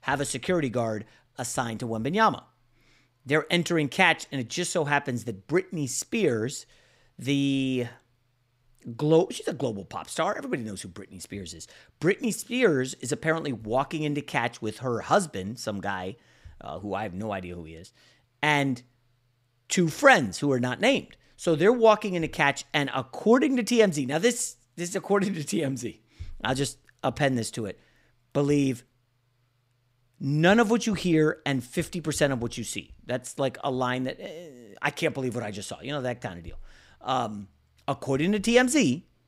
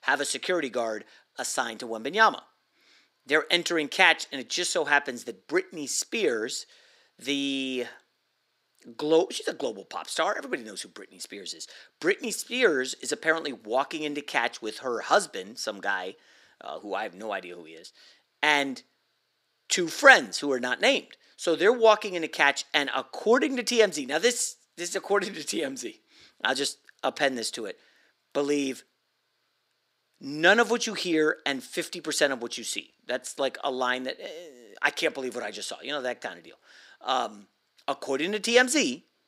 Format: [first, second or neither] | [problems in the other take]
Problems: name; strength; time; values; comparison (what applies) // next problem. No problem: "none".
first | thin; somewhat; fading below 300 Hz